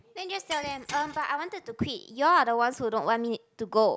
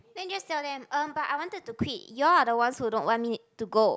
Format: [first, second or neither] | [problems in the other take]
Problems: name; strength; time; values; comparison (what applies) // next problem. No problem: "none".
second | background sound (Shatter); 18 dB below the speech